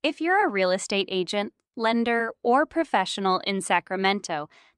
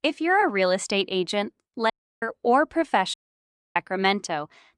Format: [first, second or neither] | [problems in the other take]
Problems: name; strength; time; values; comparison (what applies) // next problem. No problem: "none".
first | audio cutting out; at 2 s and at 3 s for 0.5 s